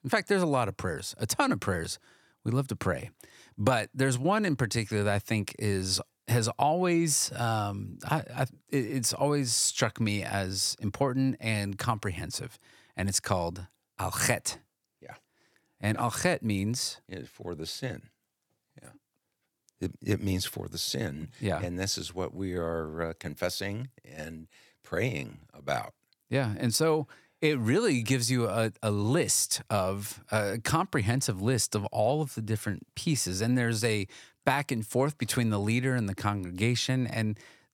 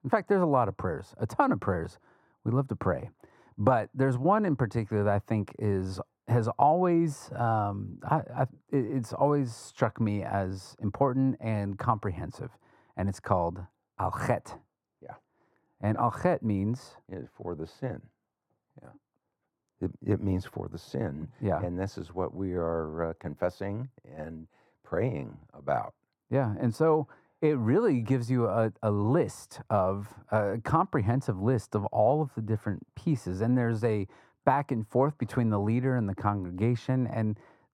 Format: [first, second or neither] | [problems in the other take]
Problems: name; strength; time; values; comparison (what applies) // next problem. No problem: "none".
first | muffled; very; fading above 2 kHz